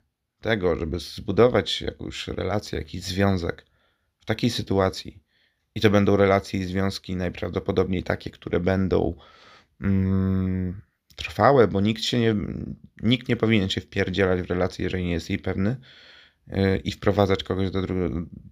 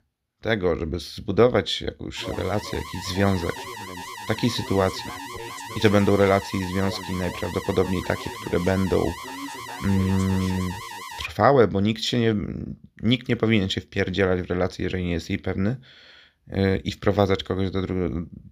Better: first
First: none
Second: alarm; noticeable; from 2 to 11 s; peak 10 dB below the speech

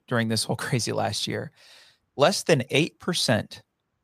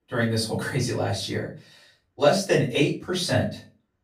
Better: first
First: none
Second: off-mic speech; far // room echo; slight; dies away in 0.3 s

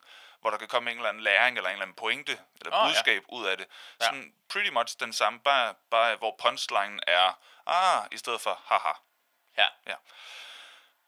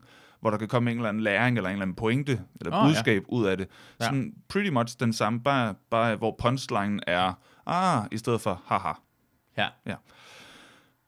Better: second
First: thin; very; fading below 900 Hz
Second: none

